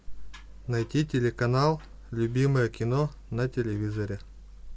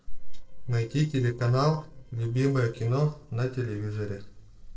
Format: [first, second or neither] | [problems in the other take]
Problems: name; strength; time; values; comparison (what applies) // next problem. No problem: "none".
first | noise reduction (neural separator model SepFormer DNS4)